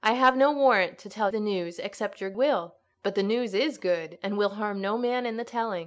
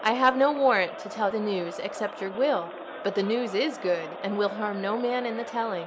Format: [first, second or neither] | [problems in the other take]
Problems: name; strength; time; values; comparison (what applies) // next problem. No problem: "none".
first | background sound (Crowd); 12 dB below the speech